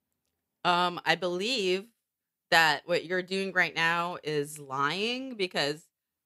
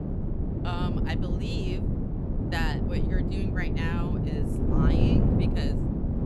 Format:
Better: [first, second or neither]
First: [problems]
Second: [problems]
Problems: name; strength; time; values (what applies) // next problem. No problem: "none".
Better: first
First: none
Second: wind noise on the microphone; heavy; 2 dB above the speech